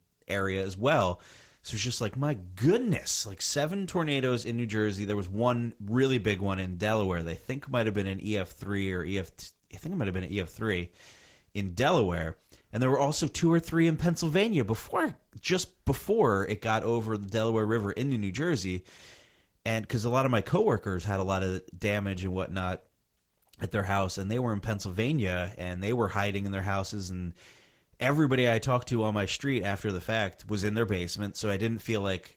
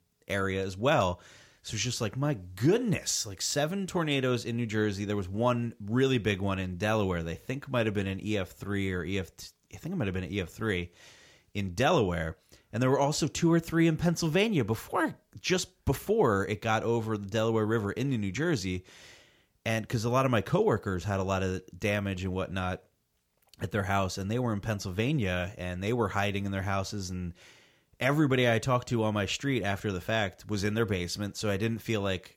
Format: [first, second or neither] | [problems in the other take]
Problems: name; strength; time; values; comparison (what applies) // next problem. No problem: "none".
second | garbled, watery; slightly; nothing above 19 kHz